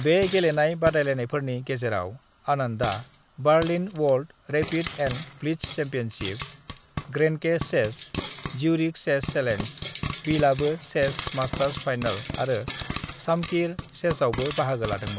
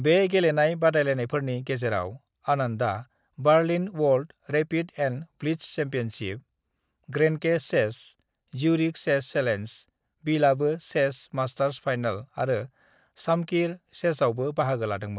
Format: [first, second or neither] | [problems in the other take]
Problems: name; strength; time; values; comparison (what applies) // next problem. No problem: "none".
second | background sound (Frying (food)); 11 dB below the speech